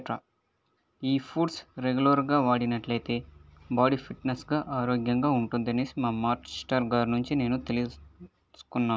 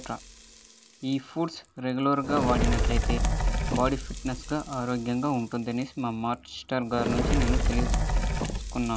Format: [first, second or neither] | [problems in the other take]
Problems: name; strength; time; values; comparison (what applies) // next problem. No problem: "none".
first | background sound (Fire); 1 dB above the speech